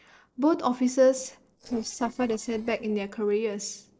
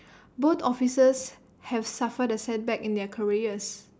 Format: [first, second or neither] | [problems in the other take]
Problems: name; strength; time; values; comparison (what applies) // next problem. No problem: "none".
second | noise reduction (neural separator model SepFormer DNS4)